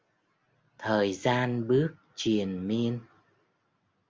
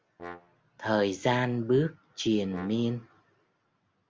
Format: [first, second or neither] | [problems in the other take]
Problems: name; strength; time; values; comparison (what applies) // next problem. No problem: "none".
first | background sound (Brass instrument); 19 dB below the speech